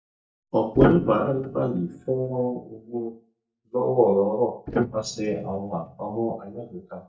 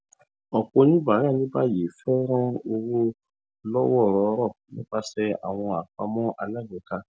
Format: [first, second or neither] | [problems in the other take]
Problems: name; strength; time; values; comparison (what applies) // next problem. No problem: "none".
second | noise reduction (neural mask model DeepFilterNet 3)